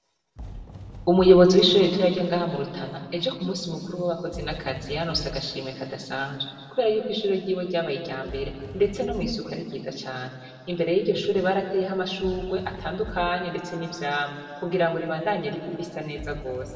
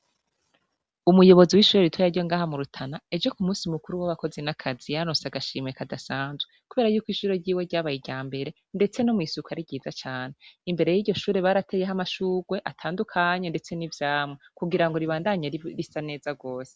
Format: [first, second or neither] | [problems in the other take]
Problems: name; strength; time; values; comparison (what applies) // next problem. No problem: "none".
second | background sound (Fireworks); 18 dB below the speech // room echo; dies away in 2.1 s